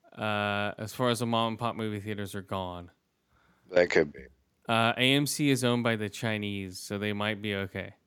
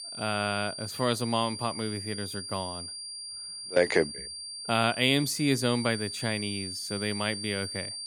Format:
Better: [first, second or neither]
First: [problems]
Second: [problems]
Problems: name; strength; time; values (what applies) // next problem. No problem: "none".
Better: first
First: none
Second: high-pitched whine; loud; throughout; 4.5 kHz, 7 dB below the speech